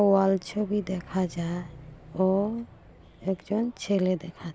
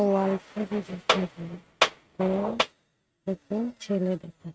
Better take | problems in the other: first | noise reduction (neural mask model RNNoise)

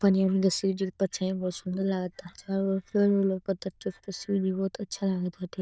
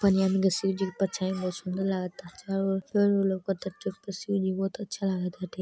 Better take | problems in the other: second | noise reduction (neural diffusion model UNIVERSE++)

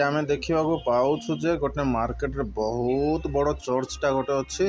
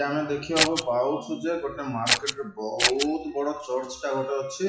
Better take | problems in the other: first | noise reduction (classical method WPE with log-MMSE)

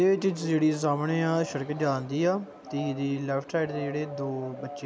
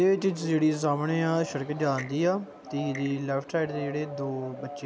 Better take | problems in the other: first | background sound (Clock); 20 dB below the speech

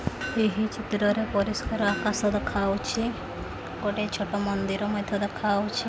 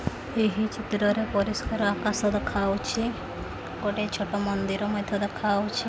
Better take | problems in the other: second | background sound (Hammer); 16 dB below the speech

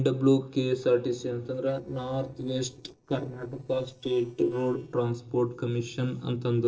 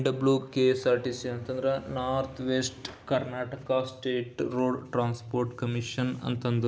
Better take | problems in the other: second | noise reduction (neural separator model SepFormer DNS4)

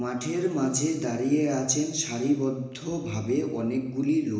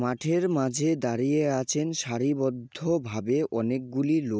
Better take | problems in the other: second | room echo; dies away in 1 s

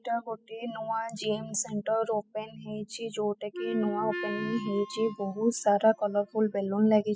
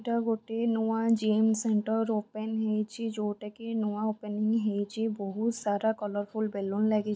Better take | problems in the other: second | noise reduction (classical method spectral subtraction)

